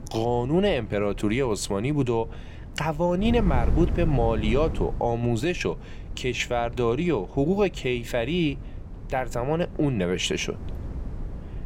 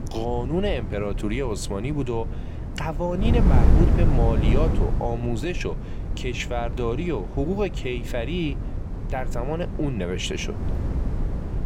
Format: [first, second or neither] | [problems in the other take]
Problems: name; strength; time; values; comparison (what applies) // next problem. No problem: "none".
first | wind noise on the microphone; heavy; 7 dB below the speech; occasional gusts in the first